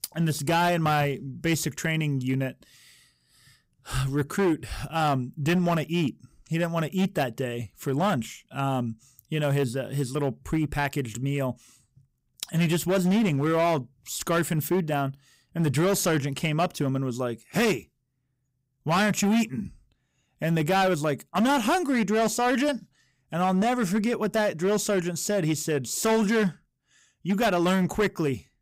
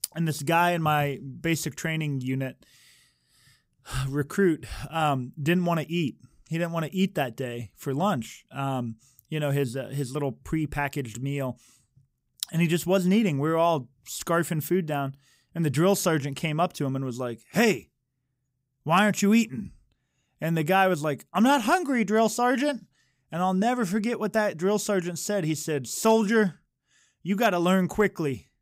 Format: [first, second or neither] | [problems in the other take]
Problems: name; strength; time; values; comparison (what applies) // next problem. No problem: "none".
second | distortion; slight; 9% of the sound clipped